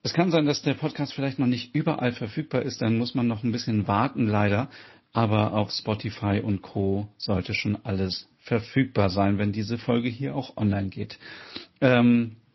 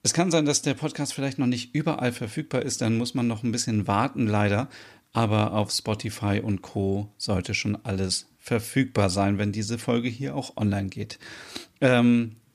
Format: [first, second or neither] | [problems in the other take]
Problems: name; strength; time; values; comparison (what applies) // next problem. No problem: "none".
second | garbled, watery; slightly; nothing above 5.5 kHz